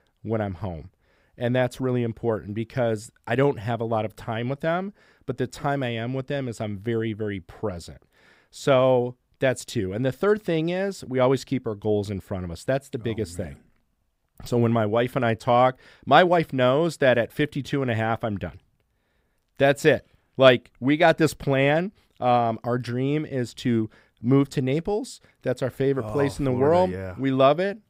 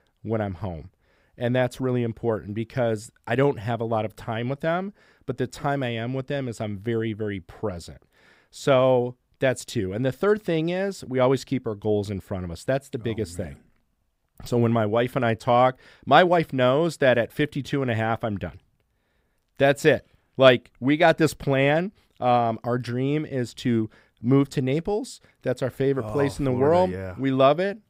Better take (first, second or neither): neither